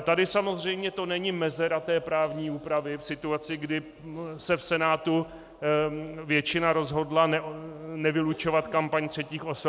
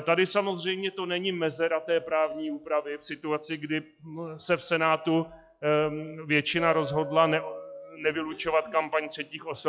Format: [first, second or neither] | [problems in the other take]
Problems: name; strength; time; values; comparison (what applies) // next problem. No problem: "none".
first | noise reduction (classical method log-MMSE)